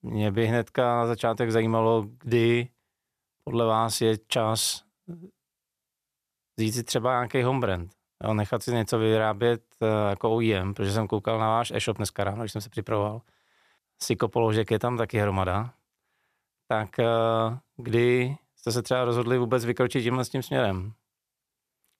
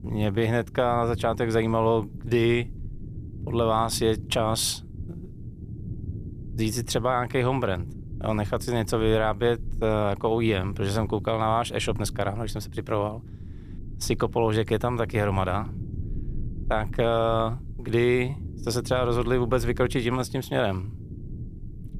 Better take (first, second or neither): first